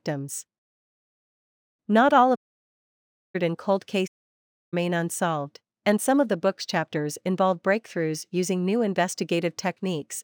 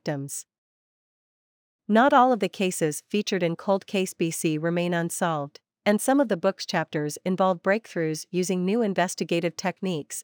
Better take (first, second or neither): second